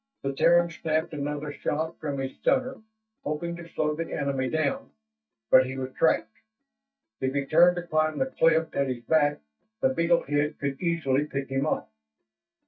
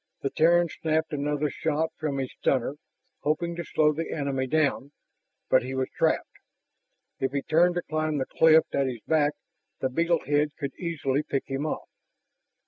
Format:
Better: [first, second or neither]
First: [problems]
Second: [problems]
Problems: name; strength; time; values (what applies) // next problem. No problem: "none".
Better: second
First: noise reduction (neural mask model DeepFilterNet 3)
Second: none